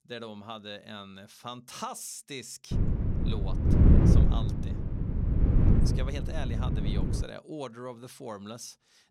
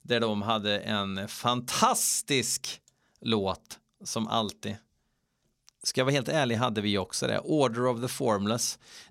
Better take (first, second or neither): second